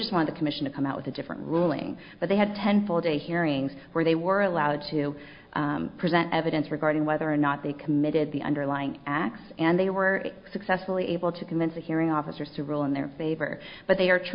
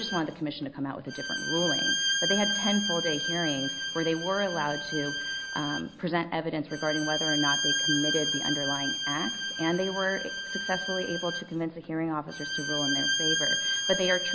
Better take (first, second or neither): first